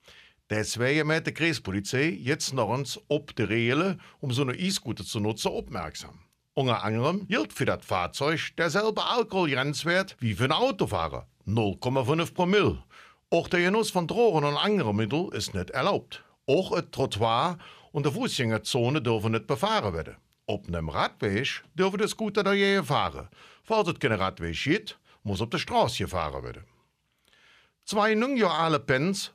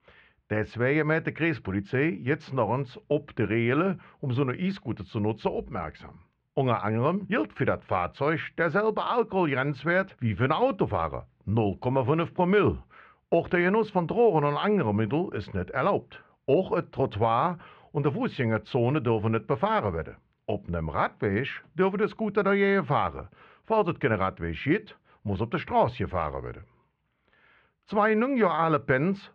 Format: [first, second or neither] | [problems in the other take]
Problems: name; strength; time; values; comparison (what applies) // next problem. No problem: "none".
first | muffled; very; fading above 2 kHz